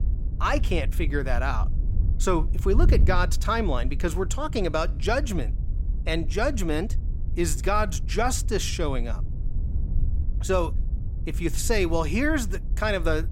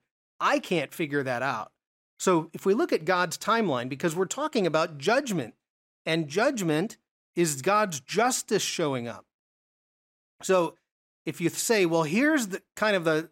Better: second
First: wind noise on the microphone; occasional gusts; 20 dB below the speech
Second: none

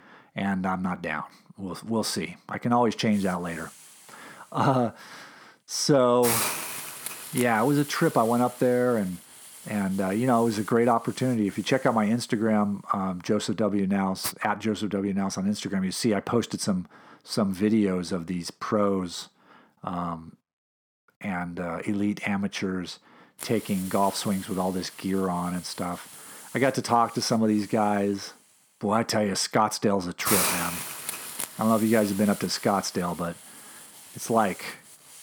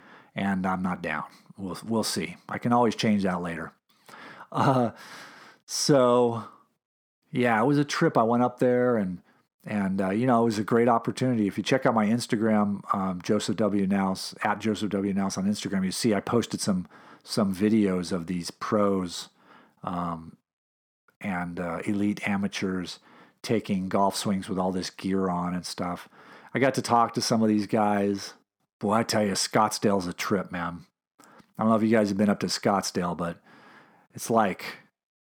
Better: second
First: hiss; loud; from 3 to 14 s and from 23 s on; 7 dB below the speech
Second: none

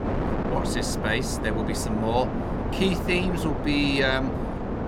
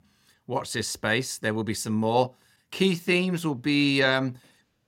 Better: second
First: wind noise on the microphone; heavy; 5 dB below the speech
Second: none

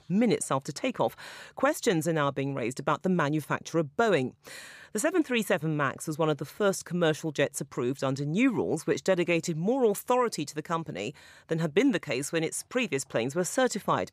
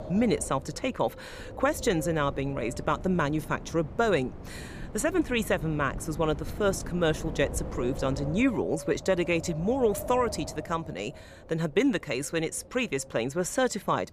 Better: first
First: none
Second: wind noise on the microphone; occasional gusts; 15 dB below the speech

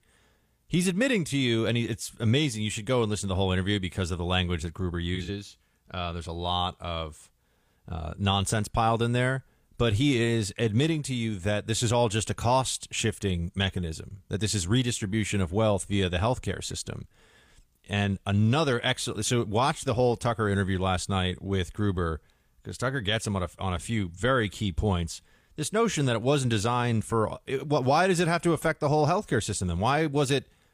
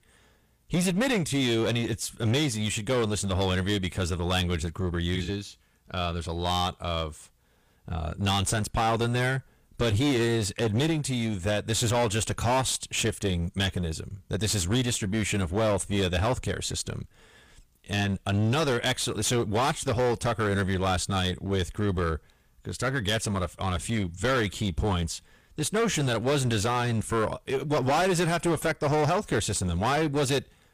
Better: first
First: none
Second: distortion; heavy; 14% of the sound clipped

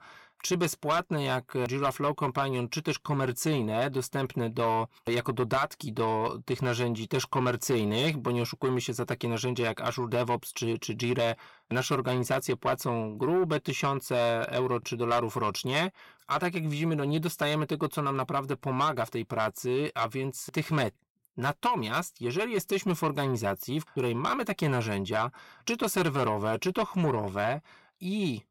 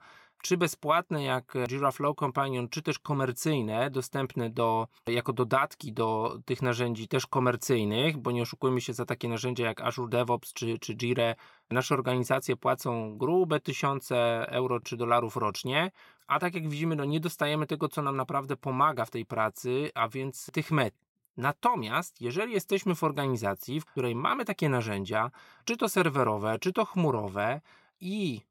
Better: second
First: distortion; slight; 10 dB below the speech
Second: none

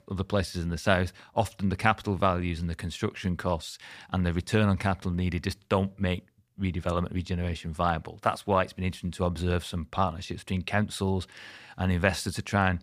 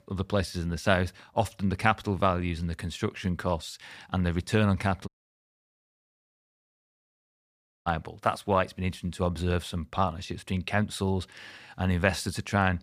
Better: first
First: none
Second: audio cutting out; at 5 s for 3 s

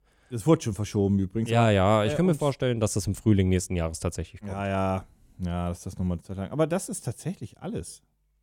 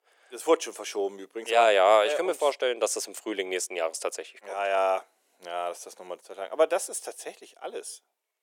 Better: first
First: none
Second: thin; very; fading below 400 Hz

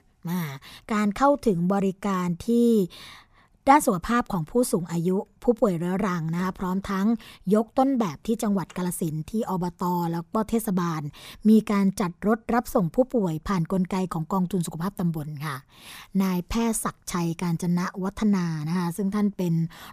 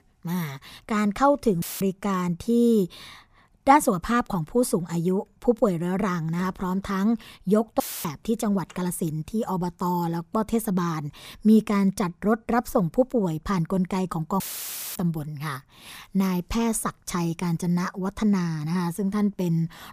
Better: first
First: none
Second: audio cutting out; filled with static; at 1.5 s, at 8 s and at 14 s for 0.5 s

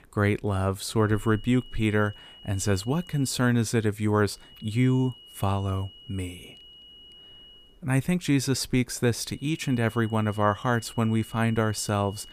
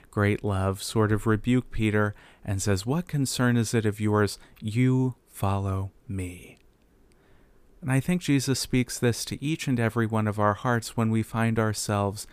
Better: second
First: high-pitched whine; faint; from 1 to 3.5 s, from 4.5 to 7.5 s and from 9.5 s on; 3 kHz, 20 dB below the speech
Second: none

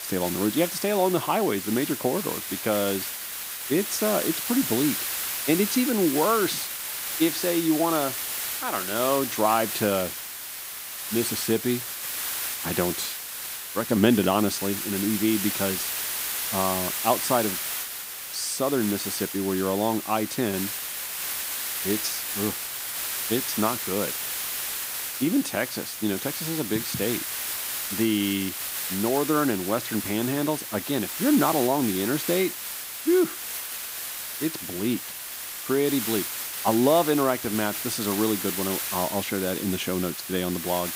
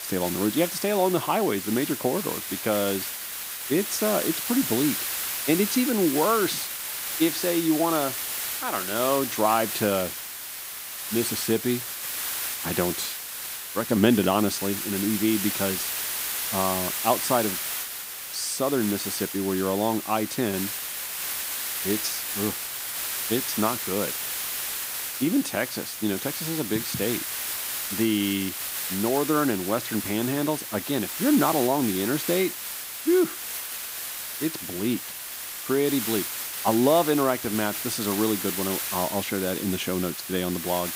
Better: neither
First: hiss; loud; throughout; 3 dB below the speech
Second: hiss; loud; throughout; 3 dB below the speech

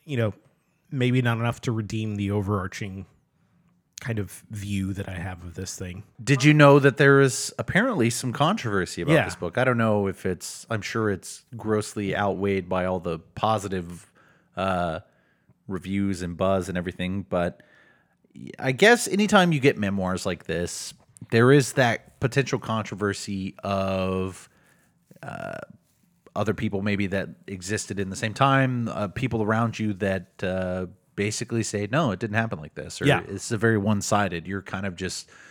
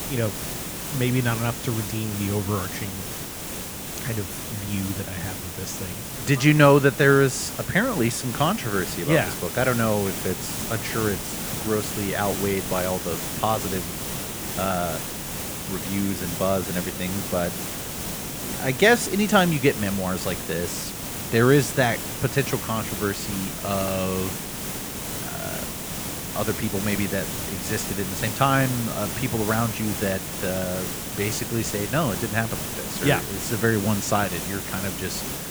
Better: first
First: none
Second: hiss; loud; throughout; 5 dB below the speech

